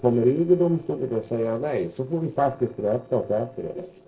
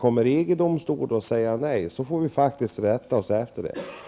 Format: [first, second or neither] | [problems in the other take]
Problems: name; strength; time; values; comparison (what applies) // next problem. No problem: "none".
second | noise reduction (neural separator model SepFormer DNS4)